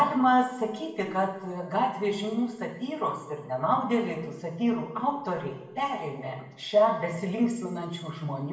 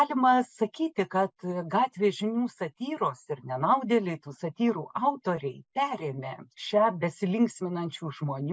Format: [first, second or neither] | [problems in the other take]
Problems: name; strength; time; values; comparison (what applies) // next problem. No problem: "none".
second | room echo; dies away in 0.9 s